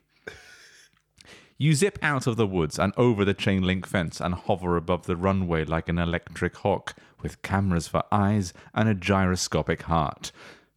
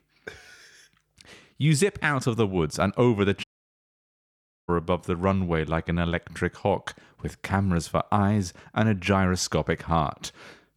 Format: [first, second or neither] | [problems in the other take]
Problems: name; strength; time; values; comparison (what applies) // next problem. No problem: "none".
first | audio cutting out; at 3.5 s for 1 s